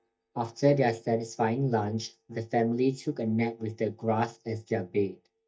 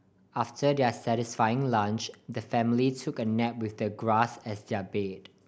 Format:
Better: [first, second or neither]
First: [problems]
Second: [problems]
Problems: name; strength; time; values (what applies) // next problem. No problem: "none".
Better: second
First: noise reduction (neural mask model DeepFilterNet 3)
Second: none